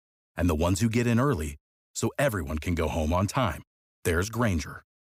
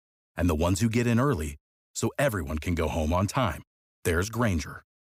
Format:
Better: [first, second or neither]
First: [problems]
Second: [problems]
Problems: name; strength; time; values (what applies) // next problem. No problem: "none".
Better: neither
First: none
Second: none